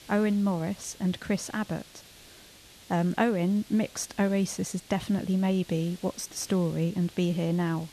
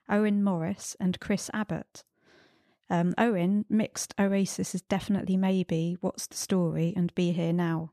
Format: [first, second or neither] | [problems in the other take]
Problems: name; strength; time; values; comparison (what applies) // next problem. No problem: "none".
second | hiss; faint; throughout; 20 dB below the speech